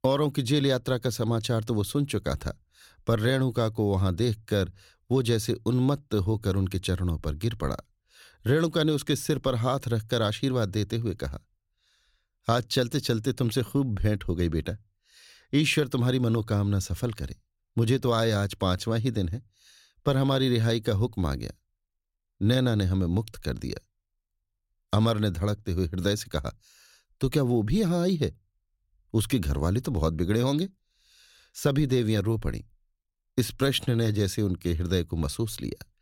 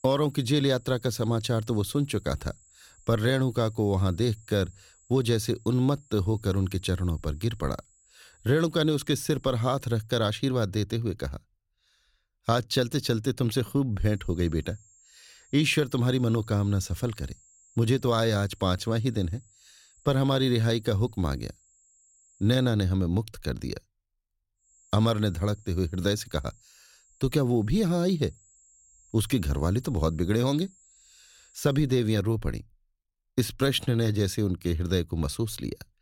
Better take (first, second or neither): first